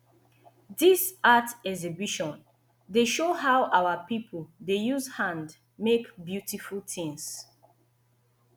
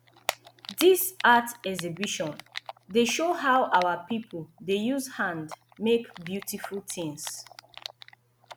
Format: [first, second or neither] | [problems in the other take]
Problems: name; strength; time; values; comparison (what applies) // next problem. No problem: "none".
first | background sound (Typing); 15 dB below the speech